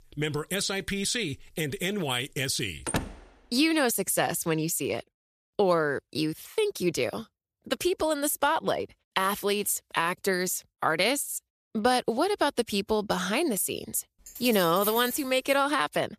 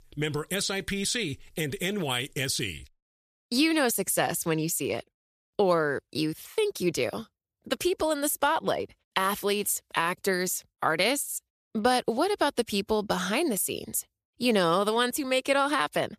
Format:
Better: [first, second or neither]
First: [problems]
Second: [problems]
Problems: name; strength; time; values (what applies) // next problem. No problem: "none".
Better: second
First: door banging; noticeable; at 3 s; peak 4 dB below the speech // jangling keys; noticeable; from 14 to 16 s; peak 5 dB below the speech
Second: none